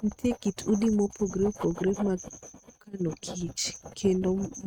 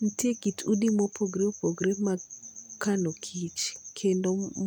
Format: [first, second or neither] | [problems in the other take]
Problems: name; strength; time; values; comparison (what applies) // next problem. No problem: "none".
second | noise reduction (neural mask model RNNoise)